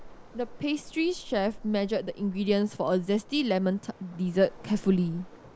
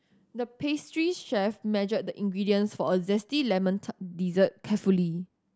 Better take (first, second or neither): second